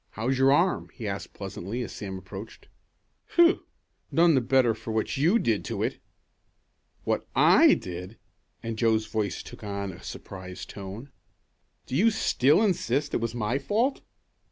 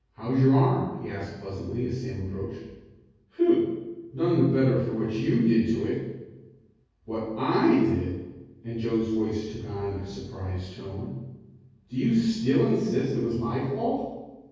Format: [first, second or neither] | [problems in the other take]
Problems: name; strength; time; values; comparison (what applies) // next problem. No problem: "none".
first | room echo; dies away in 1.3 s